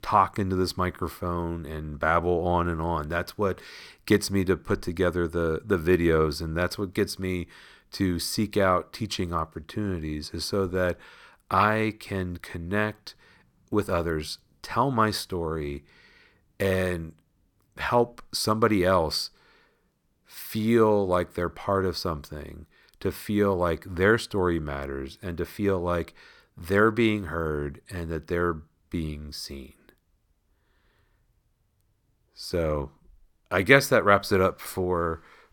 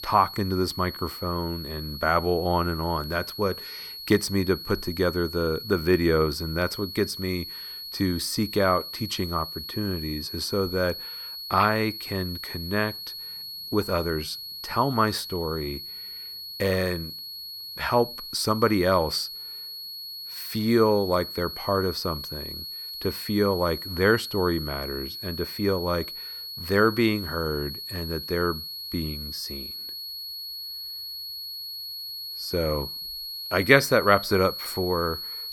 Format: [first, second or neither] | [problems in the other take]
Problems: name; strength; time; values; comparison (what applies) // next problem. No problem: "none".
first | high-pitched whine; loud; throughout; 4.5 kHz, 8 dB below the speech